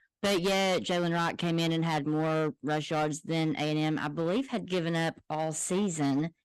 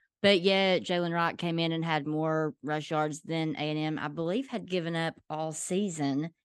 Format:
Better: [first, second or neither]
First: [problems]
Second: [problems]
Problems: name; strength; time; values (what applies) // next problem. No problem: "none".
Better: second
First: distortion; heavy; 17% of the sound clipped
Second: none